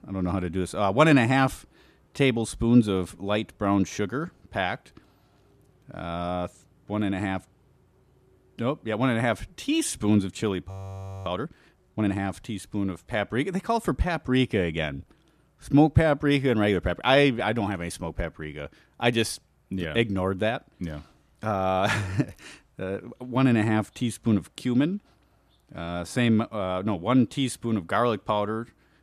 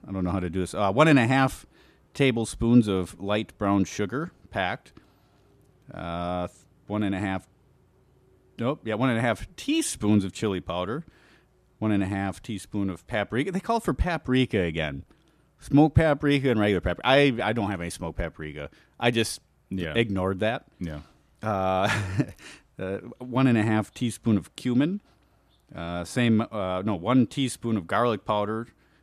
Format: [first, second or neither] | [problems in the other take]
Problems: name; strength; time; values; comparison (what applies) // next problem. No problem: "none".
second | audio freezing; at 11 s for 0.5 s